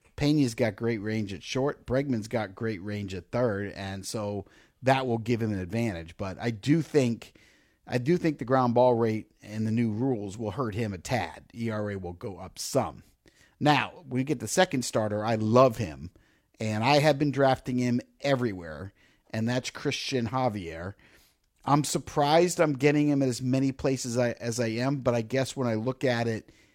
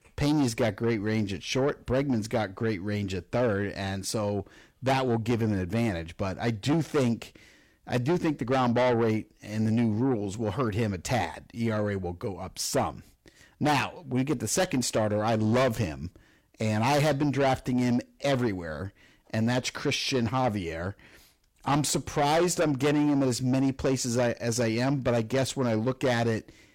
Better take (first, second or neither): first